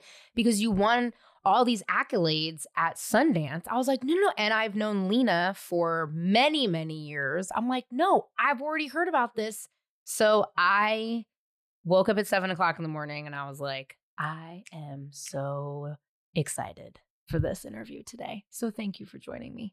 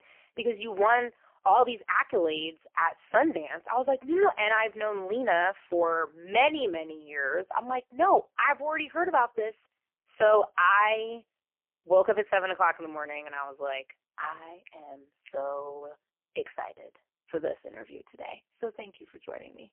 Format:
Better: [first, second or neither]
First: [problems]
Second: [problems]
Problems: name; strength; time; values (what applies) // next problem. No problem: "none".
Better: first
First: none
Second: phone-call audio; poor line; nothing above 3 kHz